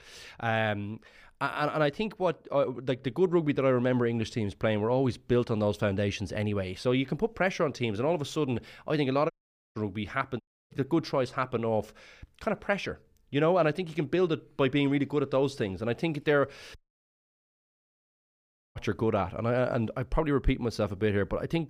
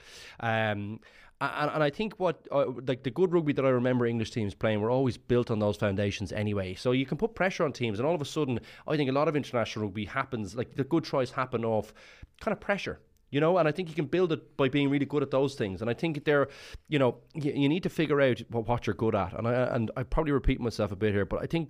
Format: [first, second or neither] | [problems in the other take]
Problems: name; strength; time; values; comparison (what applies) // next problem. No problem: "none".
second | audio cutting out; at 9.5 s, at 10 s and at 17 s for 2 s